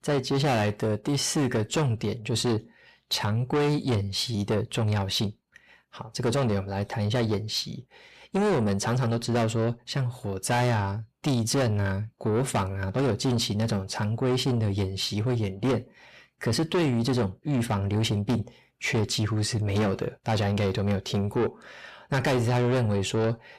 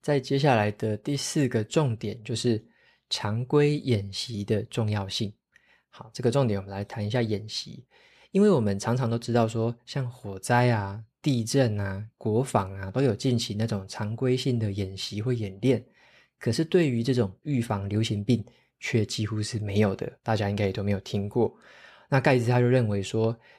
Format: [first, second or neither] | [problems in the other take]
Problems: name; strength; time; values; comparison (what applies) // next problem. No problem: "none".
second | distortion; heavy; 7 dB below the speech